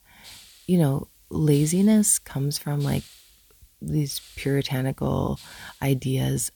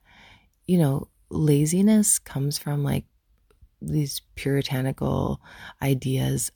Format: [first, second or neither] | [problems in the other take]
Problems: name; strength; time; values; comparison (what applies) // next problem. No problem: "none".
second | hiss; faint; throughout; 25 dB below the speech